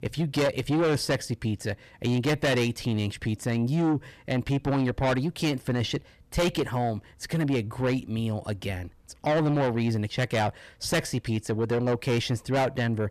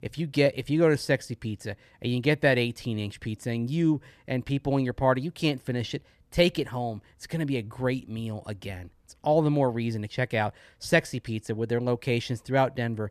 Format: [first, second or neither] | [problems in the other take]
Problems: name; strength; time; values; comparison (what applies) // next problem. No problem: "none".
second | distortion; heavy; 6 dB below the speech